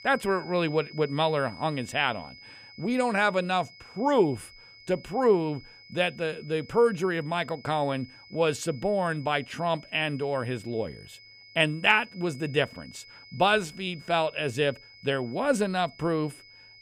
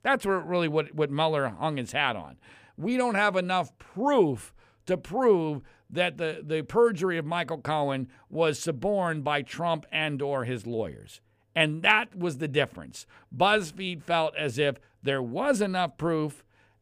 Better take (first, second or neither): second